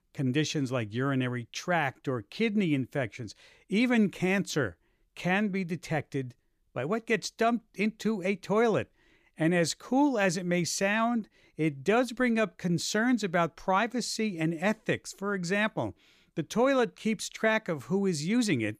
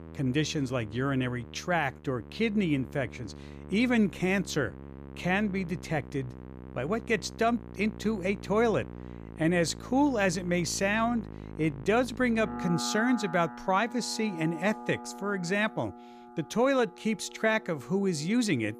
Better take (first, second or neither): first